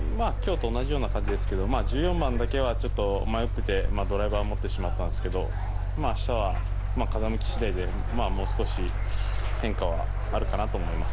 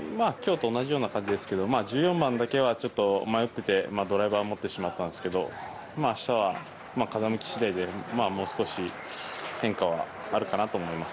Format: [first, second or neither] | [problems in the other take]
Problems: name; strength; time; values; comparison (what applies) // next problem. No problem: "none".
second | background sound (Mechanical fan); 4 dB above the speech